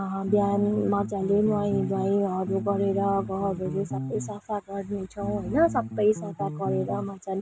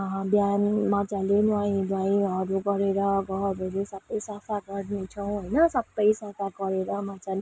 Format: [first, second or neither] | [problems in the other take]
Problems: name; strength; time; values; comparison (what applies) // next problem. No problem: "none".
second | background sound (Bass guitar); 8 dB below the speech